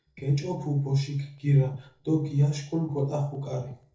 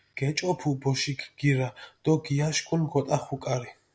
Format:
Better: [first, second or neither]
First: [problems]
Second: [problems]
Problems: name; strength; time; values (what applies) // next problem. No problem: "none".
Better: second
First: noise reduction (neural separator model SepFormer DNS4)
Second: none